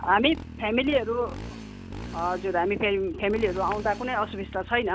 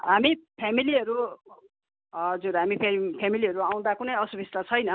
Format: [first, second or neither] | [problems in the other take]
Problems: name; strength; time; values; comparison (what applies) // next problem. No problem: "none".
second | background sound (Motorcycle); 12 dB below the speech